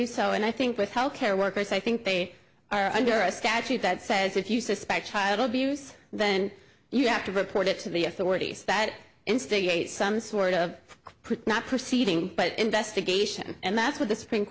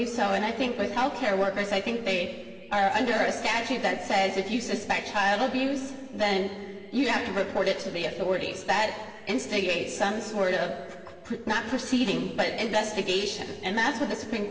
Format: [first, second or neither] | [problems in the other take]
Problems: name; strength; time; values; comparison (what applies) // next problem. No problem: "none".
first | room echo; dies away in 1.9 s